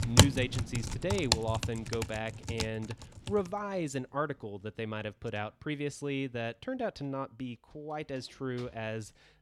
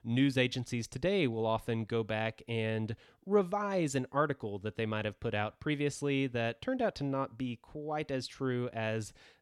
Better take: second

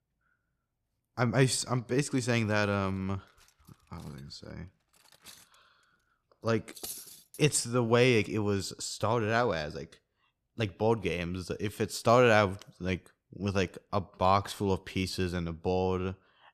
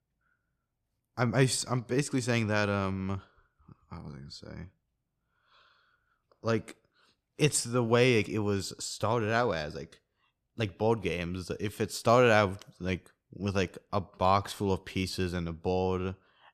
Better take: second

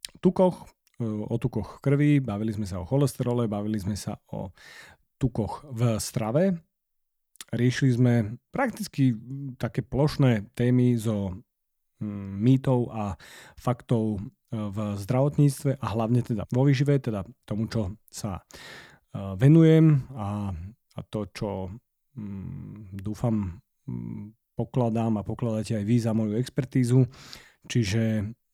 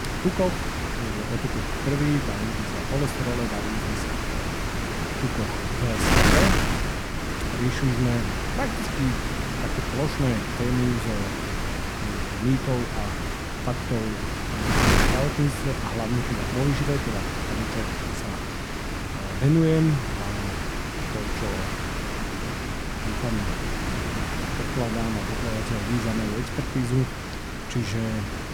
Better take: first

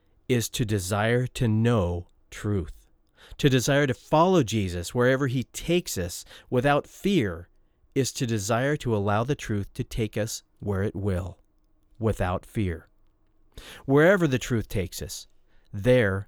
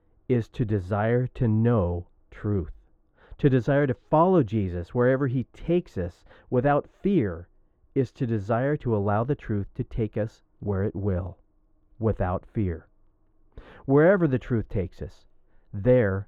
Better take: first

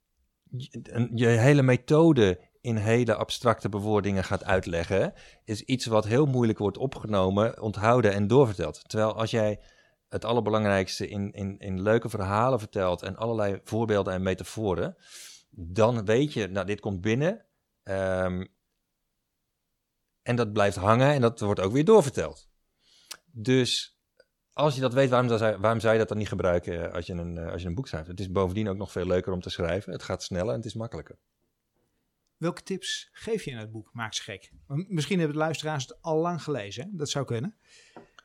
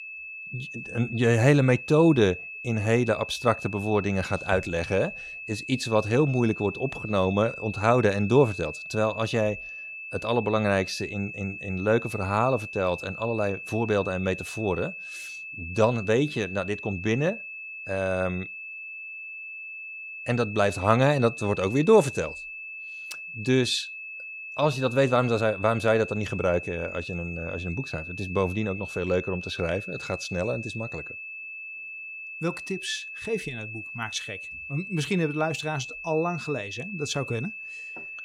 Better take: first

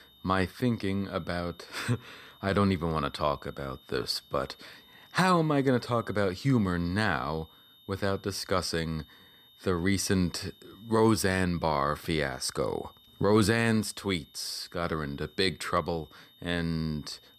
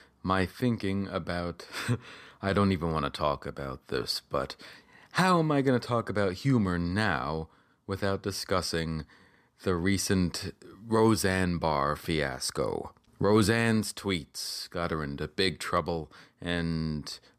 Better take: second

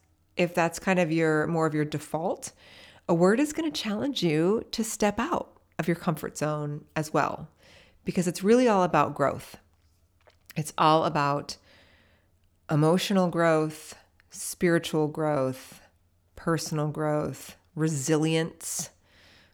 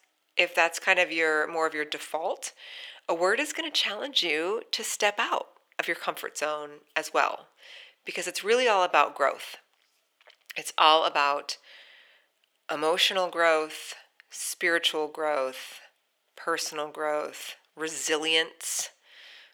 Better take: first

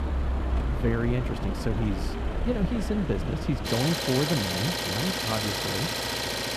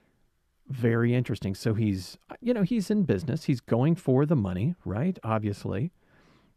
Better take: second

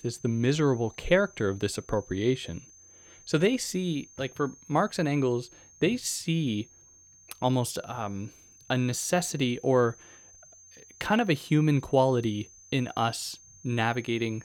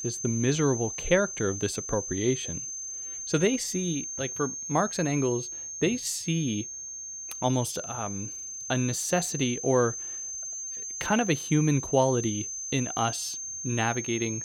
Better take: first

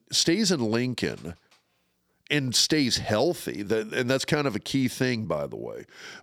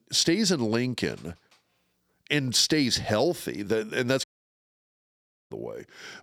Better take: first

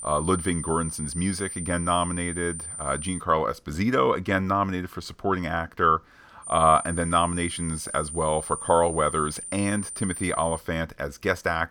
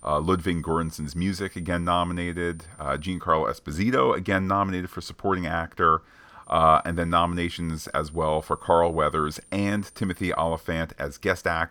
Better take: second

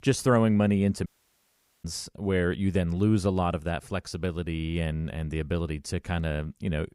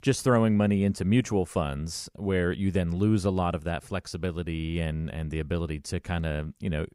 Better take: second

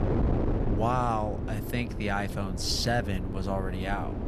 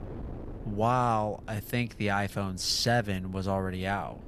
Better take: second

